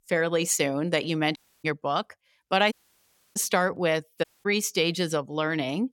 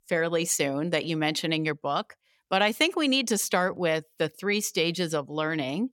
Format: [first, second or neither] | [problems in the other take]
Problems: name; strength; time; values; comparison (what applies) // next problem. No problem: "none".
second | audio cutting out; at 1.5 s, at 2.5 s for 0.5 s and at 4 s